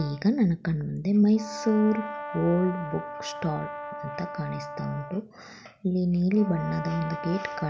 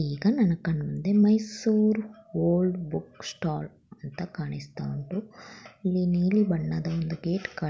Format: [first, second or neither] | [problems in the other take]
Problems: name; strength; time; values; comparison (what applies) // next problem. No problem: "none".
second | background sound (Brass instrument); 11 dB below the speech